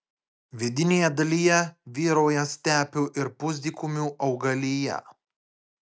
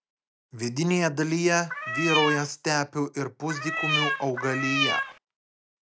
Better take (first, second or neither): first